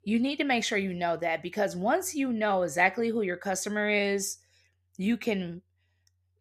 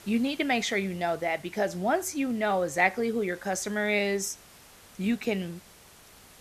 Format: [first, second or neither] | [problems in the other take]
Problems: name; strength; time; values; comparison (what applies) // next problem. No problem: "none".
first | hiss; faint; throughout; 25 dB below the speech